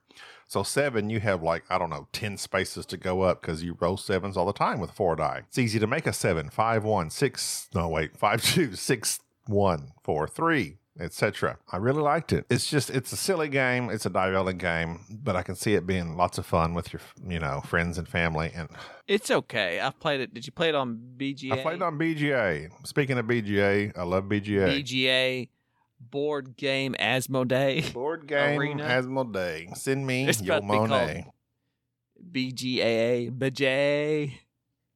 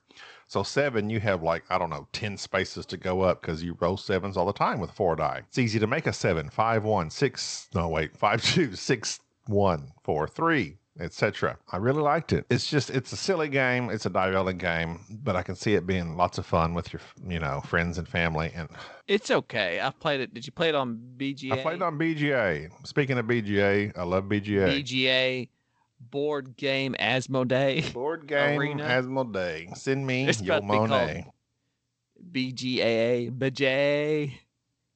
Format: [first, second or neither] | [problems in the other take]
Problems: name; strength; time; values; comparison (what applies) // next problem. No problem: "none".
first | garbled, watery; slightly; nothing above 8 kHz